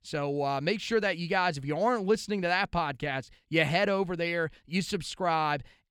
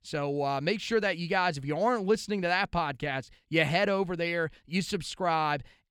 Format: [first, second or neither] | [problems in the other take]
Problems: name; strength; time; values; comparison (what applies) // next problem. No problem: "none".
neither | none